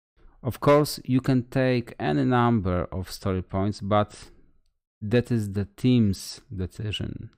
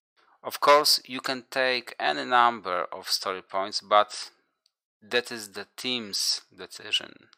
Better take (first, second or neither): first